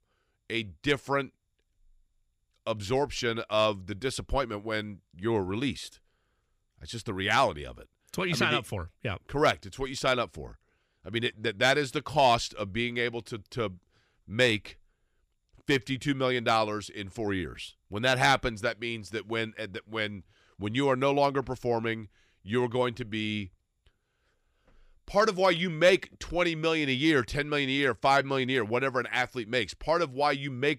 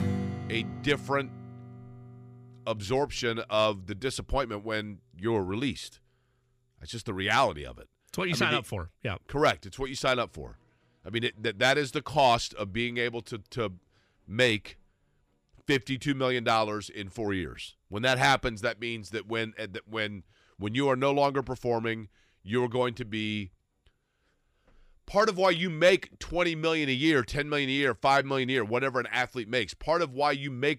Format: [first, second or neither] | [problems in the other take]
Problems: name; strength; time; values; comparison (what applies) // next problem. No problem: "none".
first | background music; noticeable; throughout; 15 dB below the speech